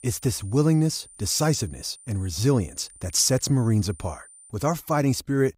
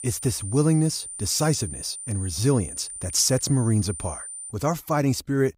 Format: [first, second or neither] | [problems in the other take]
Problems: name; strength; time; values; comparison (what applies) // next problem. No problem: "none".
first | high-pitched whine; loud; until 4.5 s; 9 kHz, 9 dB below the speech; faint in the first